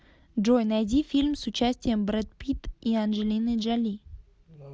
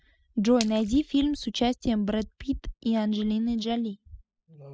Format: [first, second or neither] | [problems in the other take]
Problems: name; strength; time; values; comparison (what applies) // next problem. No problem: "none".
first | noise reduction (classical method spectral subtraction)